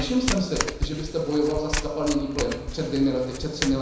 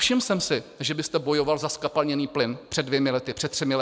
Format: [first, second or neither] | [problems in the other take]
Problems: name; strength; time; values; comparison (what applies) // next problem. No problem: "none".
second | background sound (Domestic sounds, home sounds); 6 dB below the speech // room echo; dies away in 1 s